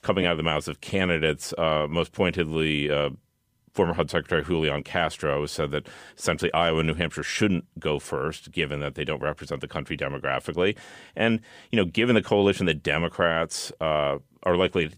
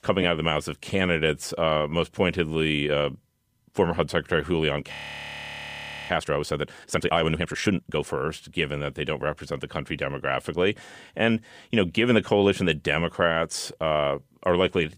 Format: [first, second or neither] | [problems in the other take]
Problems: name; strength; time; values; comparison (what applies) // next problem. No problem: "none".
first | audio freezing; at 5 s for 1 s